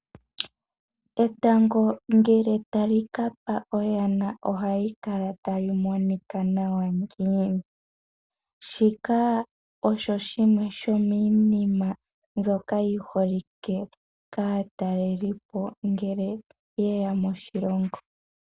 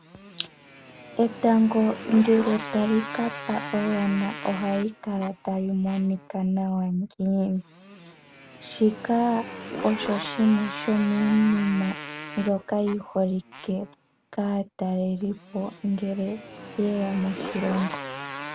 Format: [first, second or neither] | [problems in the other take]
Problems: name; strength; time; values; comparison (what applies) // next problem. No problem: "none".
first | background sound (Motorcycle); 12 dB below the speech